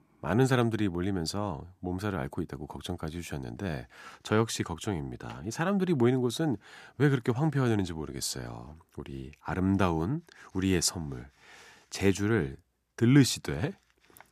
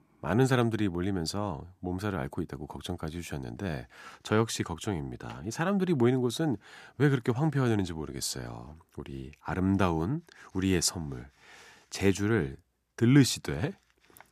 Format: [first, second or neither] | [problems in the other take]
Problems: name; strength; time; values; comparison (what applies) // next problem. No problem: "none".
neither | none